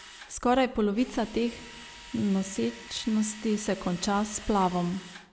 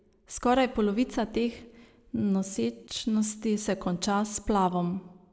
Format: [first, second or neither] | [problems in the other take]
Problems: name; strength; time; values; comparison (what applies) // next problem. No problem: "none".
second | background sound (Drill); 18 dB below the speech